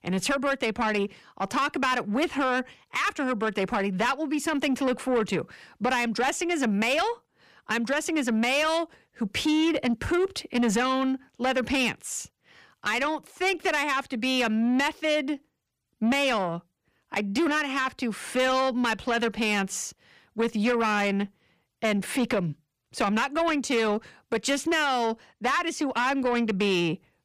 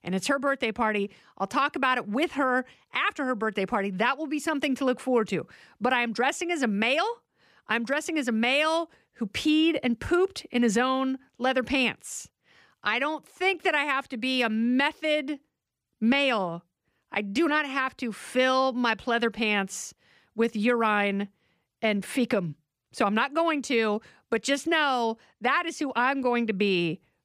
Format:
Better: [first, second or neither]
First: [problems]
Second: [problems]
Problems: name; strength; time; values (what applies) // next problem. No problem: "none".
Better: second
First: distortion; slight; 10 dB below the speech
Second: none